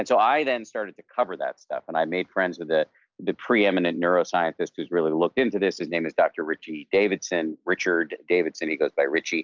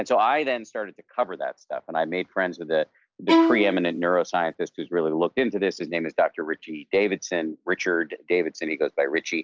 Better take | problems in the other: first | background sound (Bowed string instrument); 2 dB above the speech

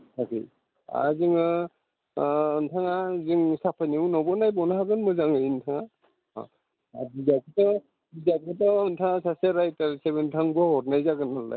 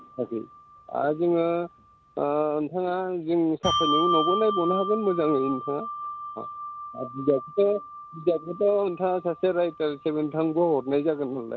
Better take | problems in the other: first | background sound (Bell); 8 dB below the speech

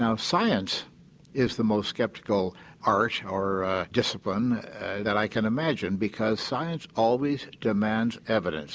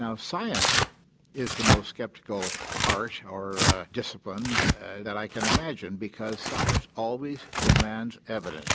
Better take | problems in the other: first | background sound (Tearing); 5 dB above the speech

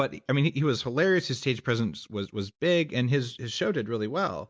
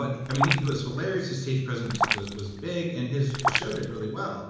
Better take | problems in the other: first | background sound (Raindrop); 2 dB below the speech // room echo; dies away in 1 s

